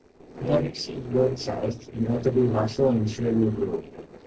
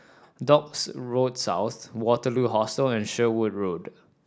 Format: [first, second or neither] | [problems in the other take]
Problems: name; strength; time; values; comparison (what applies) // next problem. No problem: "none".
second | noise reduction (neural separator model SepFormer DNS4)